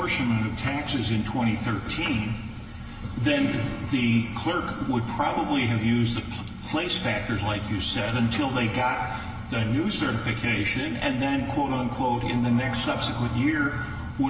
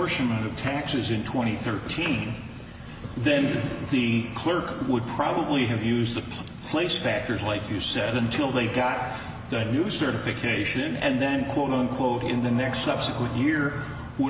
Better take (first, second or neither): second